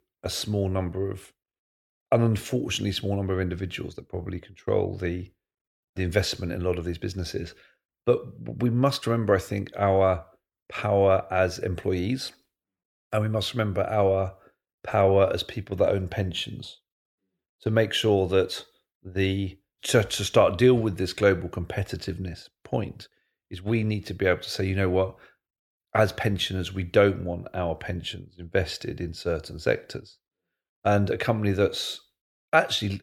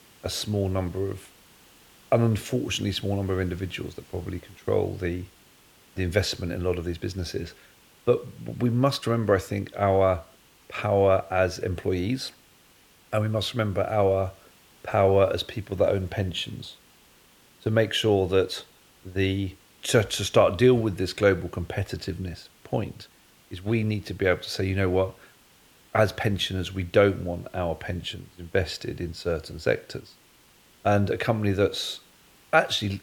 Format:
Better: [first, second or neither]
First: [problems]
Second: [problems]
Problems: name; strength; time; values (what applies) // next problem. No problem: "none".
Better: first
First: none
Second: hiss; faint; throughout; 30 dB below the speech